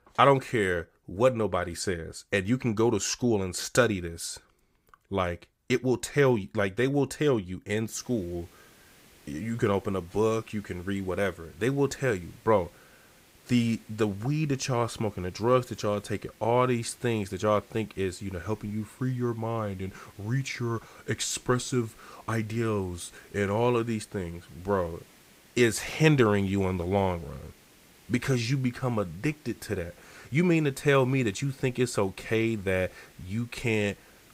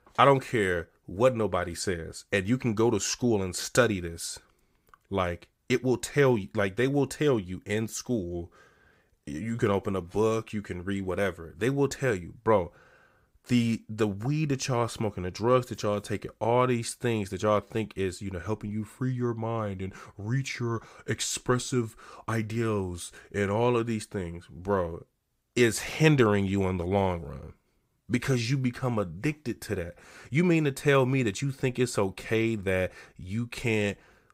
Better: second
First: hiss; faint; from 8 s on; 25 dB below the speech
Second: none

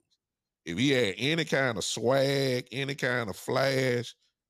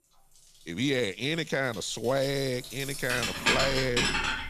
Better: first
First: none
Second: household noises; very loud; throughout; 2 dB above the speech

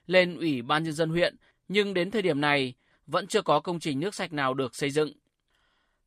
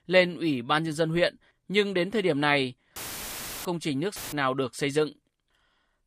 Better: first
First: none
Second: audio cutting out; filled with static; at 3 s for 0.5 s and at 4 s

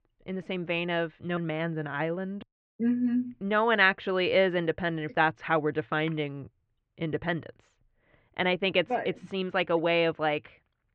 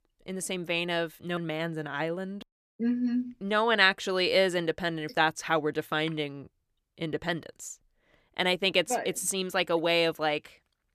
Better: second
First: muffled; very; fading above 3 kHz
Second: none

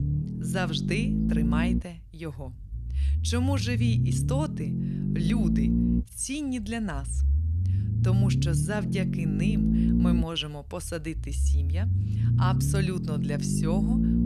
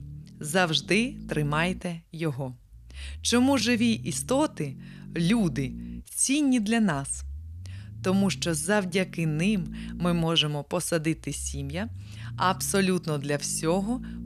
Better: second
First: low rumble; loud; throughout; 1 dB below the speech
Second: low rumble; faint; throughout; 20 dB below the speech

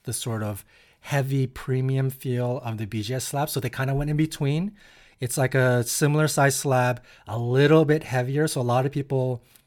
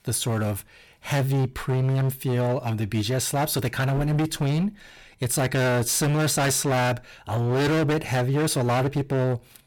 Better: first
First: none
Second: distortion; heavy; 23% of the sound clipped

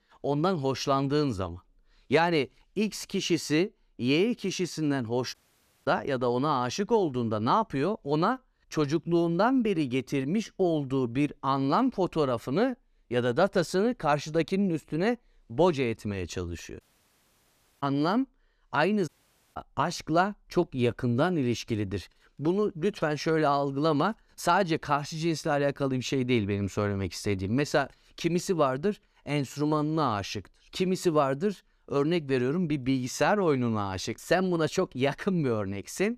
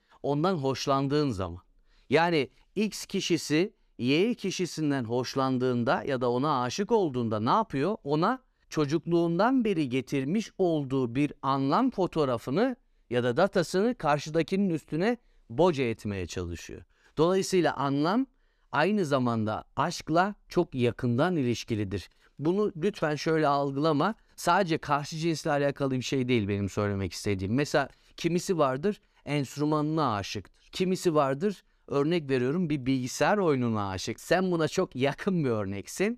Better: second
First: audio cutting out; at 5.5 s for 0.5 s, at 17 s for 1 s and at 19 s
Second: none

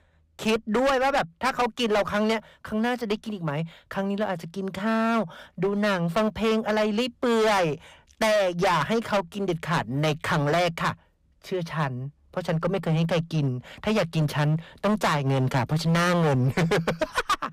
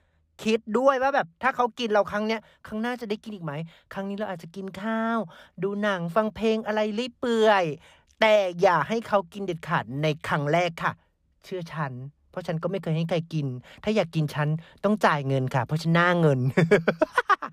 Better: second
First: distortion; heavy; 16% of the sound clipped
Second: none

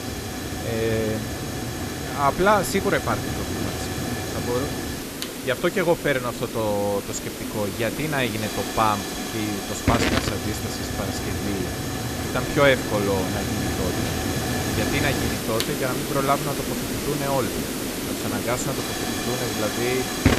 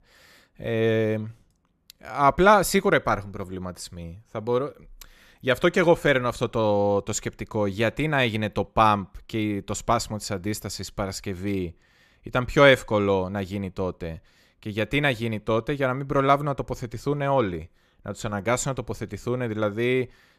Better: second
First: hiss; loud; throughout; 1 dB below the speech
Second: none

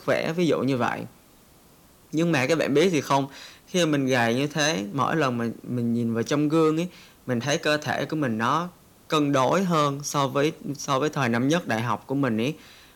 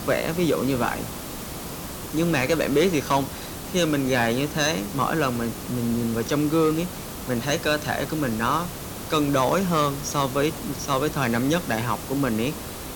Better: first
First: hiss; faint; throughout; 30 dB below the speech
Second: hiss; loud; throughout; 9 dB below the speech

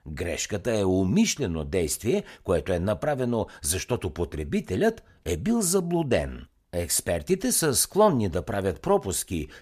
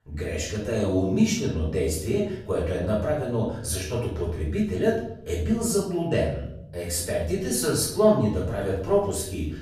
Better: first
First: none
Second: off-mic speech; far // room echo; noticeable; dies away in 0.8 s

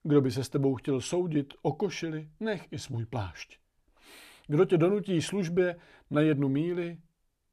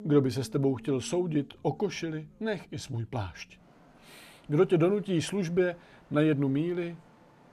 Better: first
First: none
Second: traffic noise; faint; throughout; 25 dB below the speech

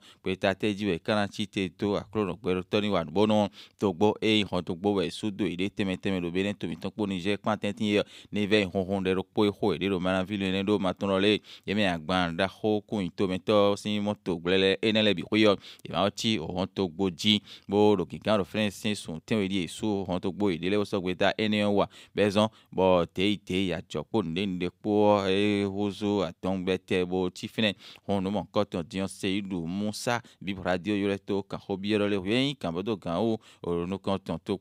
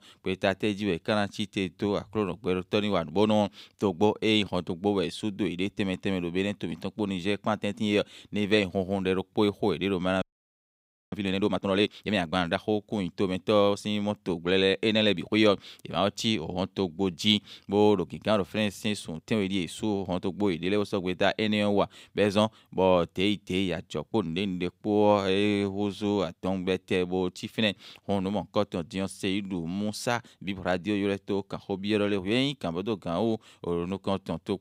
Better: first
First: none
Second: audio freezing; at 10 s for 1 s

